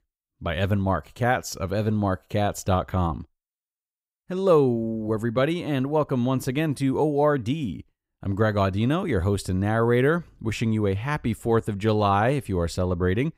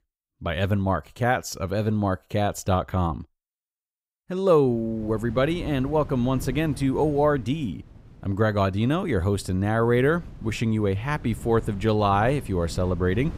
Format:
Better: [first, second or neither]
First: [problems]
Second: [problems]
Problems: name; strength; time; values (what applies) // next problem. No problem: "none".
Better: first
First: none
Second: wind noise on the microphone; occasional gusts; from 4.5 s on; 25 dB below the speech